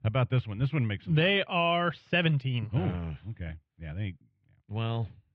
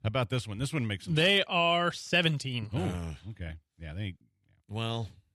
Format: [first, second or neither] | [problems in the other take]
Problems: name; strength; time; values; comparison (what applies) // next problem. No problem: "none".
second | muffled; very; fading above 3 kHz